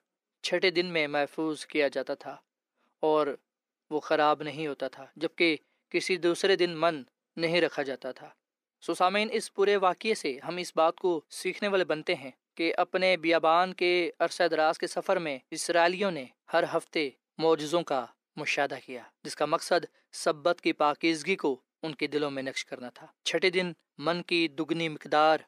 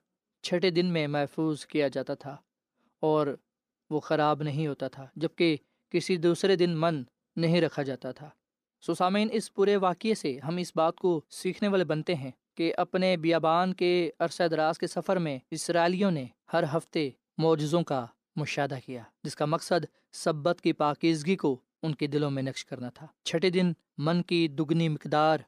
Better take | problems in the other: second | thin; somewhat; fading below 350 Hz

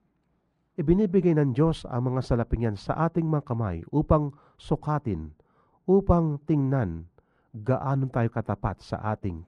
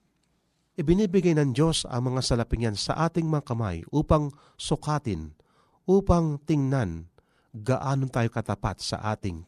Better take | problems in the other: second | muffled; very; fading above 3 kHz

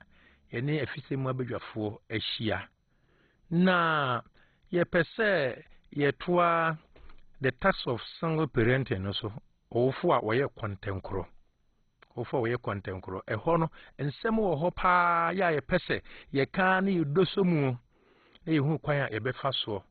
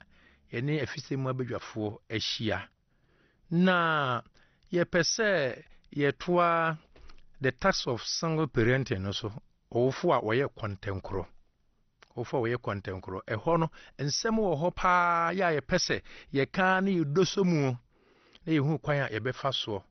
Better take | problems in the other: second | garbled, watery; badly; nothing above 4 kHz; slightly in the second

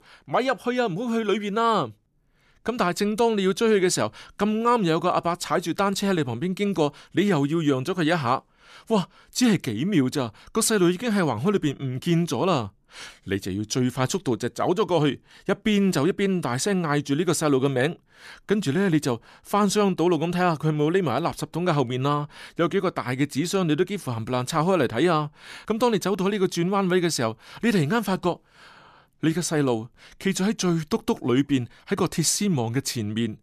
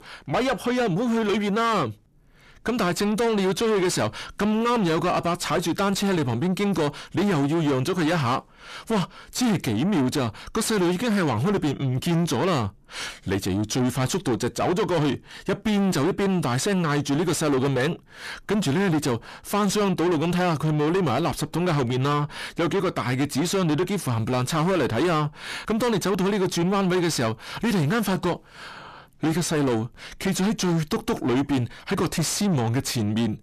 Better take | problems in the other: first | distortion; heavy; 7 dB below the speech

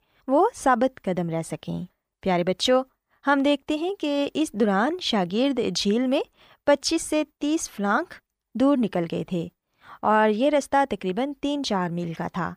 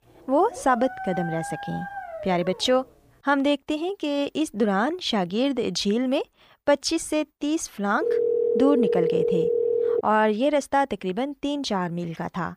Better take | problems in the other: first | dog barking; noticeable; until 3 s; peak 8 dB below the speech // phone ringing; loud; from 8 to 10 s; peak 2 dB above the speech

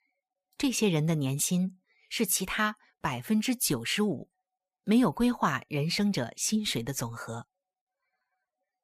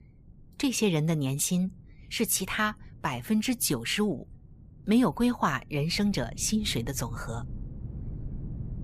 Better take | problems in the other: first | wind noise on the microphone; occasional gusts; 25 dB below the speech

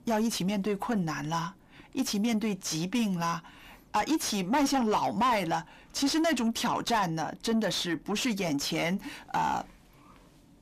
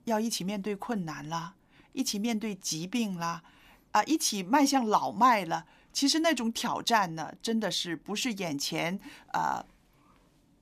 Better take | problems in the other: second | distortion; heavy; 7 dB below the speech

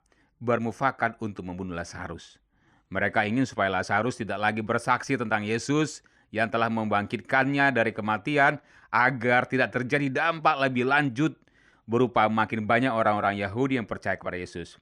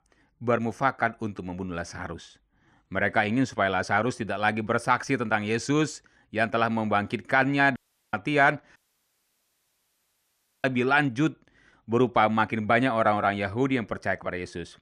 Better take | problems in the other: first | audio cutting out; at 8 s and at 9 s for 2 s

